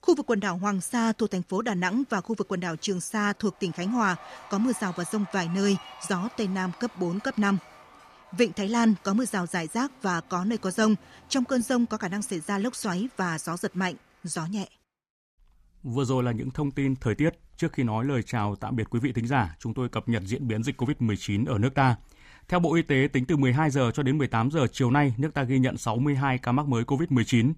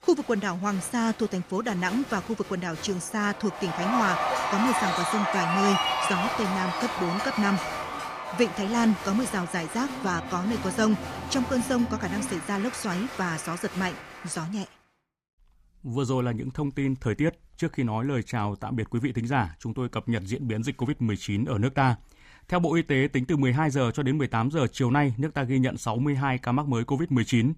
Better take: first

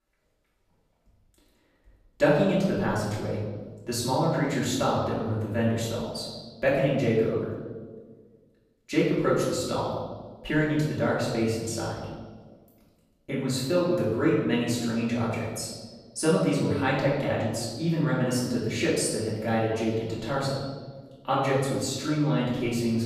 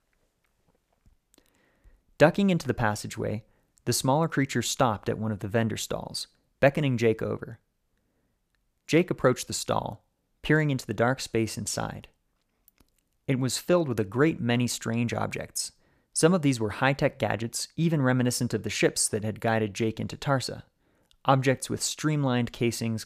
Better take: second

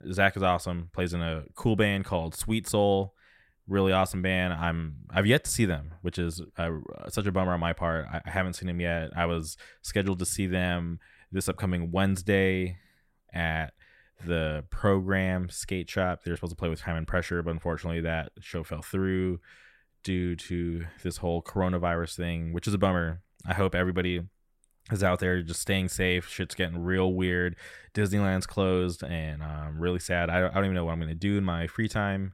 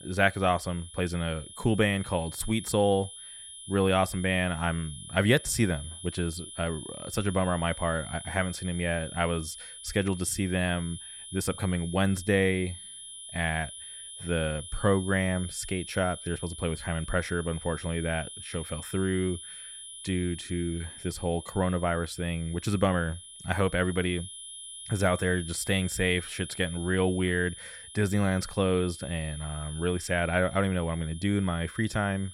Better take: first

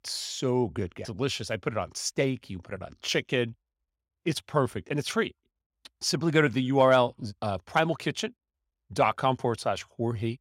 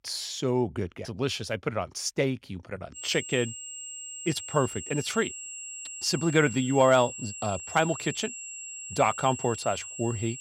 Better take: first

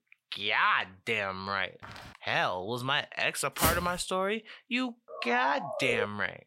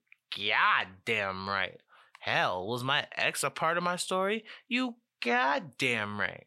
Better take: second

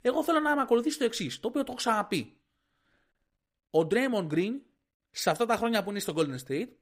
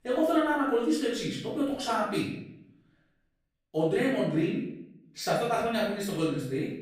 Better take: first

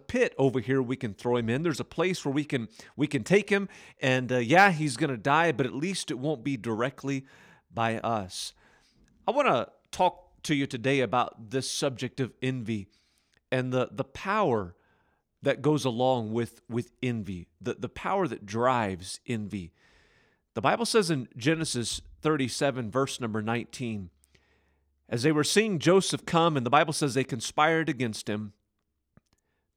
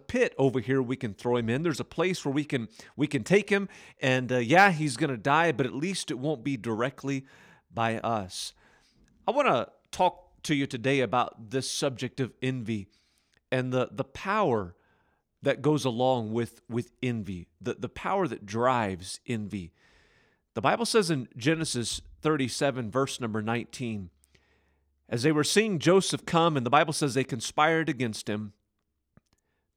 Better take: neither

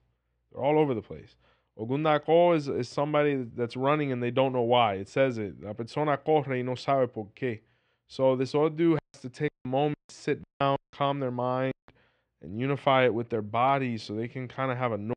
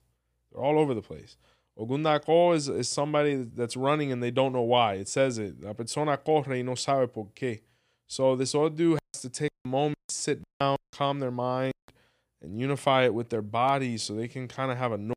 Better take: second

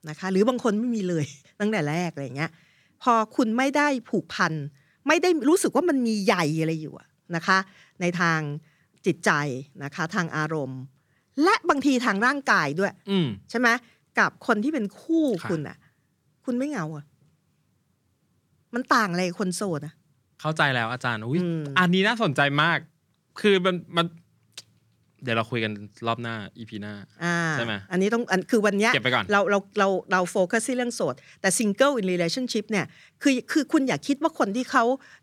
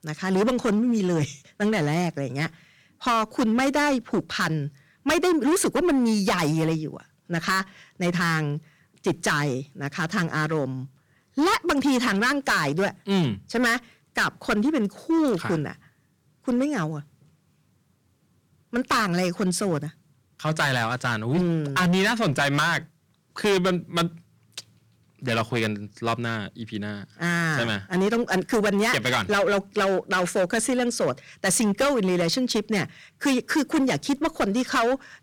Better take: first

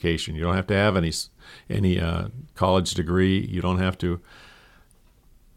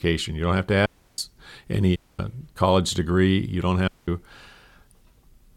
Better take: first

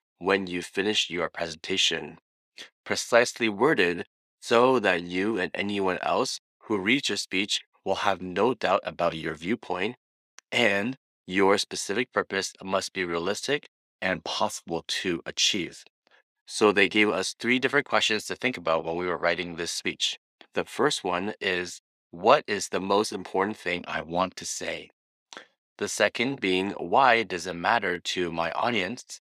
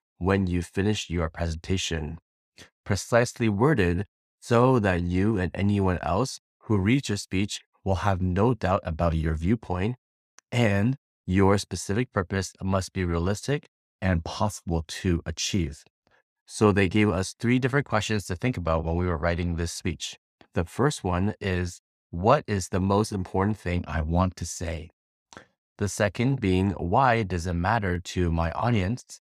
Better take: second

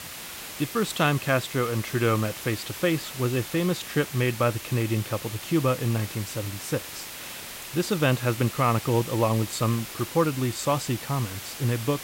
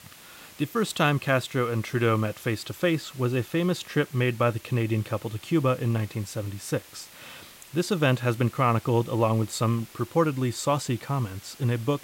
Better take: second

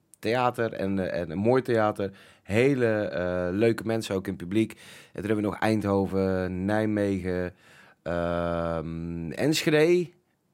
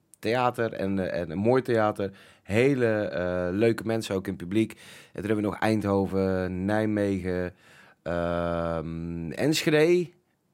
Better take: neither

